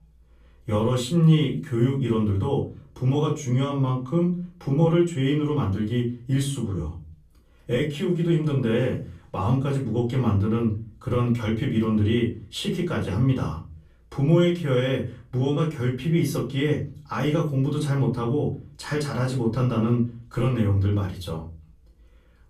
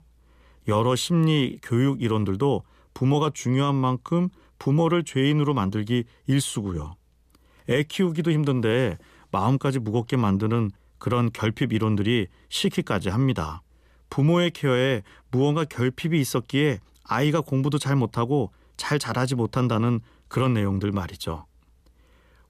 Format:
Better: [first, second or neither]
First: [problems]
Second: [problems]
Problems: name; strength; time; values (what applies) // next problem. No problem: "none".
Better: second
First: off-mic speech; far // room echo; slight; dies away in 0.4 s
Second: none